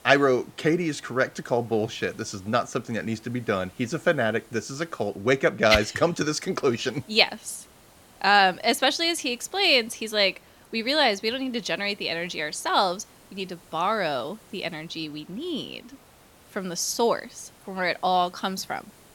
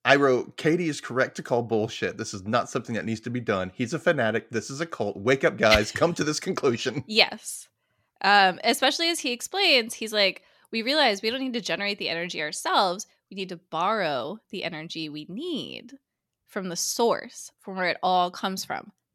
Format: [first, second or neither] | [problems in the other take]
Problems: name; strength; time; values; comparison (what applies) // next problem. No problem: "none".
second | hiss; faint; throughout; 30 dB below the speech